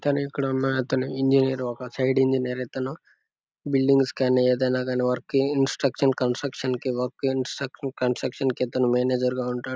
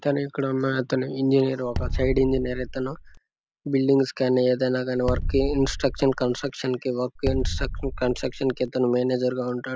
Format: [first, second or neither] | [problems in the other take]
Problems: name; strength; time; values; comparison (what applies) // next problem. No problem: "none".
first | background sound (Bass drum); 5 dB below the speech